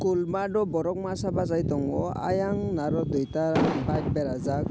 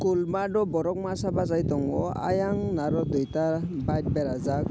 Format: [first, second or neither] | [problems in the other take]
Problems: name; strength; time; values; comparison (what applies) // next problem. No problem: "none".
second | background sound (Explosion); as loud as the speech